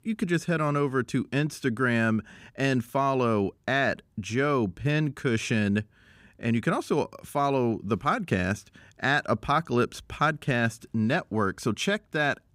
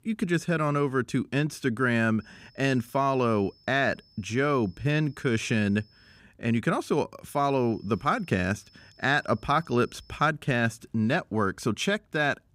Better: first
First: none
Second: high-pitched whine; faint; from 2 to 6 s and from 7.5 to 10 s; 5.5 kHz, 30 dB below the speech

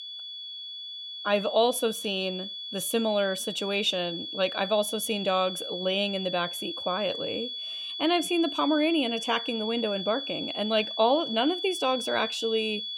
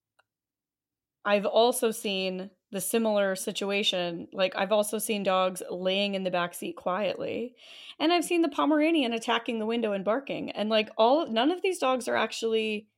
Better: second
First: high-pitched whine; loud; throughout; 3.5 kHz, 6 dB below the speech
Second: none

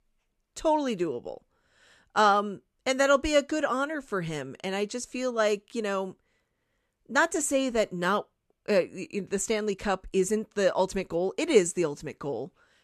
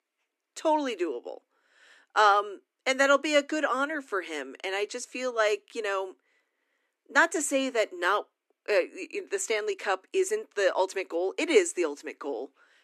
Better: first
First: none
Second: thin; very slightly; fading below 250 Hz

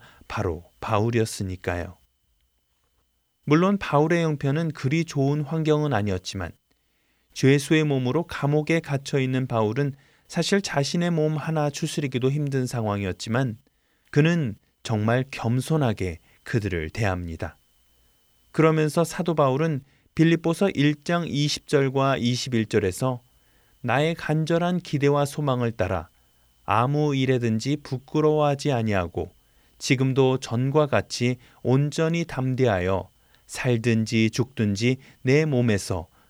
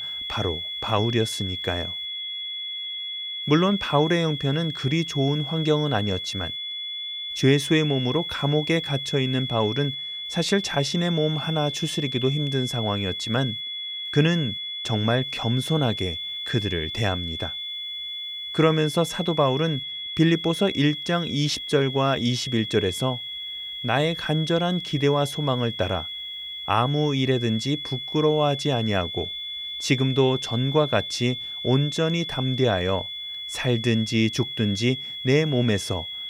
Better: first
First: none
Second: high-pitched whine; loud; throughout; 3.5 kHz, 6 dB below the speech

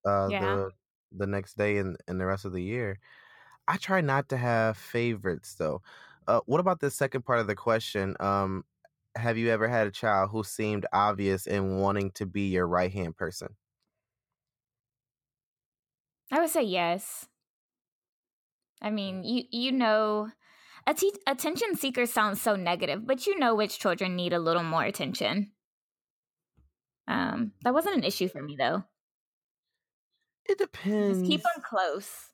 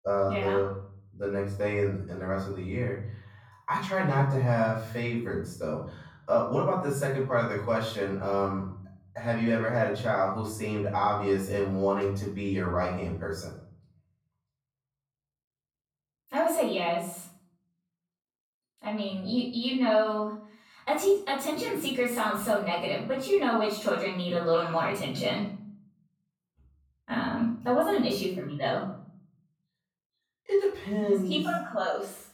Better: first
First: none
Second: off-mic speech; far // room echo; noticeable; dies away in 0.6 s

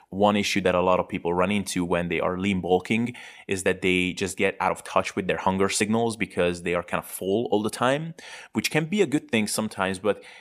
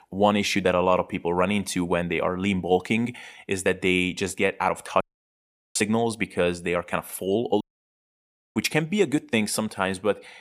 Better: first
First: none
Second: audio cutting out; at 5 s for 0.5 s and at 7.5 s for 1 s

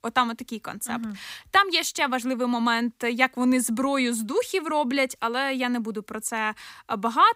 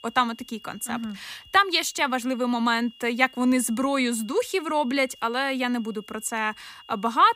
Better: first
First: none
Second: high-pitched whine; faint; throughout; 3 kHz, 25 dB below the speech

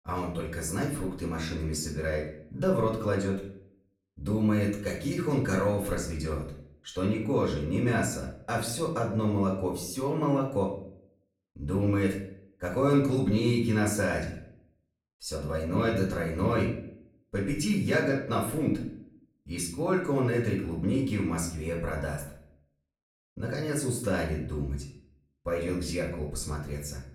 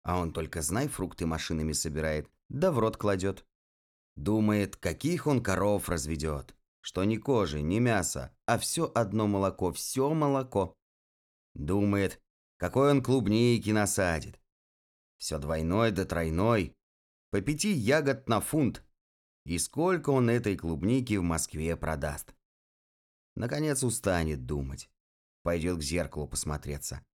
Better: second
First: off-mic speech; far // room echo; slight; dies away in 0.5 s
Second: none

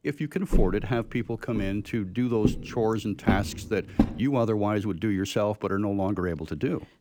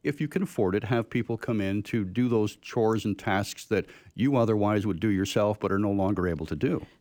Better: second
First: footsteps; loud; from 0.5 to 4 s; peak 1 dB above the speech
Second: none

